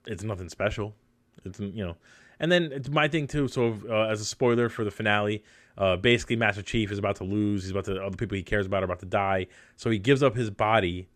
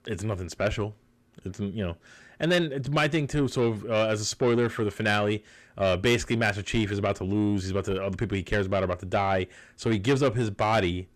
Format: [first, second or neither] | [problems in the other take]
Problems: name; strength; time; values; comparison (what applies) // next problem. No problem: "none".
first | distortion; slight; 10 dB below the speech